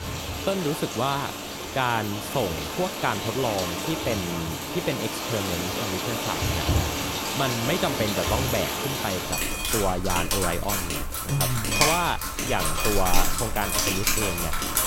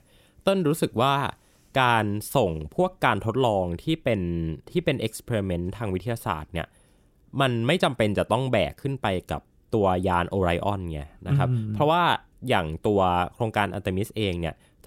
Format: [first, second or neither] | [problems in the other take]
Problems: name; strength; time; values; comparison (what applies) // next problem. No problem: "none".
second | rain or running water; very loud; throughout; 2 dB above the speech